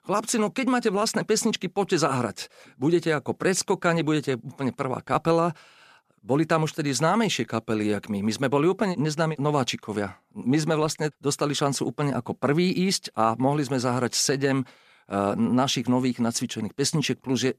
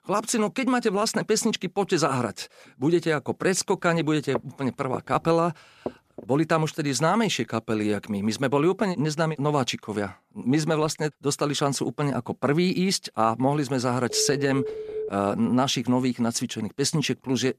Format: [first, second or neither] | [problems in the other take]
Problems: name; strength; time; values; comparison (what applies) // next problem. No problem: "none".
first | footsteps; faint; from 4.5 to 6 s; peak 10 dB below the speech // phone ringing; noticeable; at 14 s; peak 7 dB below the speech